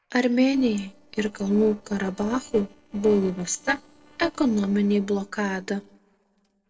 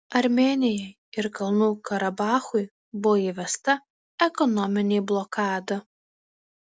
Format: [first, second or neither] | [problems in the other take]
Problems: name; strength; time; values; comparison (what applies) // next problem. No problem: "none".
second | noise reduction (neural separator model SepFormer DNS4)